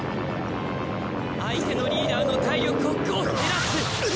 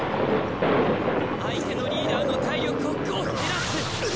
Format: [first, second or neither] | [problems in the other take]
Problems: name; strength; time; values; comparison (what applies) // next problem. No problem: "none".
first | background sound (Thunder); 1 dB below the speech